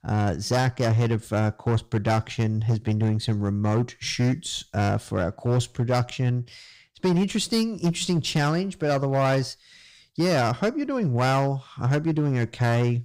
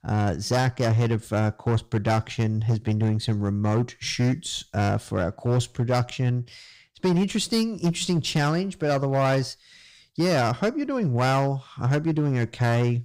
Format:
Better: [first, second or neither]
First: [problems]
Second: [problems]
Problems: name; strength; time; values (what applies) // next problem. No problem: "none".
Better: neither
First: distortion; slight; 10% of the sound clipped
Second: distortion; slight; 10% of the sound clipped